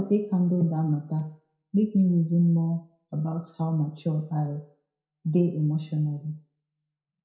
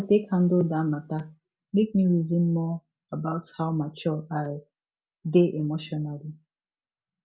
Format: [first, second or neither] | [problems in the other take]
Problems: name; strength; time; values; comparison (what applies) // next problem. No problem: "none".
second | room echo; dies away in 0.4 s